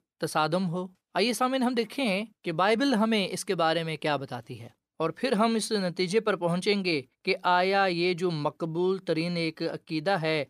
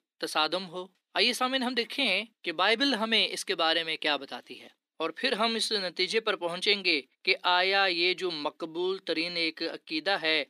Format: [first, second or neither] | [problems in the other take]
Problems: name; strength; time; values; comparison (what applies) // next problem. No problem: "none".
first | thin; very slightly; fading below 250 Hz